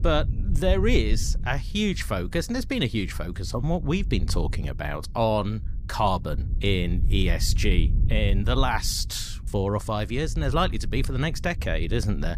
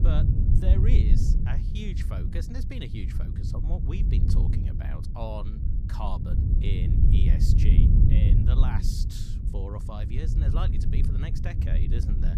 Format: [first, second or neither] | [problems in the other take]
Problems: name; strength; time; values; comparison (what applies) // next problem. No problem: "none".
first | wind noise on the microphone; heavy; 1 dB above the speech; occasional gusts in the first